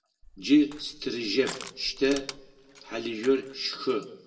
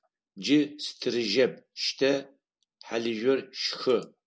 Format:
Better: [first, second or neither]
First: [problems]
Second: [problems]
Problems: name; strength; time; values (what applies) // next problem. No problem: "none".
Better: second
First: background sound (Crushing); 16 dB below the speech // room echo; dies away in 1.3 s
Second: none